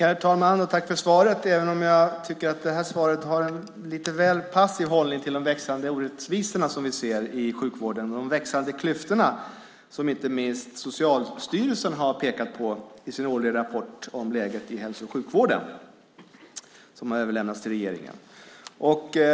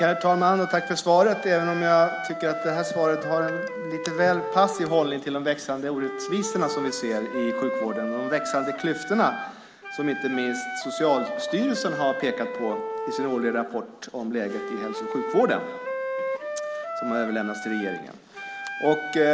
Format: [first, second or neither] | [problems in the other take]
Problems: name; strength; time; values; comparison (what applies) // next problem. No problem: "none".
first | background sound (Wind instrument, woodwind instrument); 7 dB below the speech